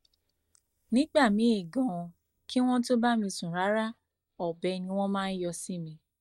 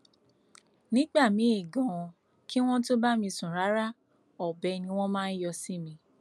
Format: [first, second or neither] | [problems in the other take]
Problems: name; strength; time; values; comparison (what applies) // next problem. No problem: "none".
second | noise reduction (neural mask model DeepFilterNet 3)